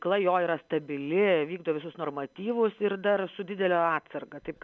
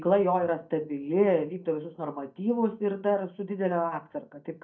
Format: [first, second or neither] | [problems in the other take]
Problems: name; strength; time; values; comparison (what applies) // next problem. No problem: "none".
first | noise reduction (neural mask model DeepFilterNet 3)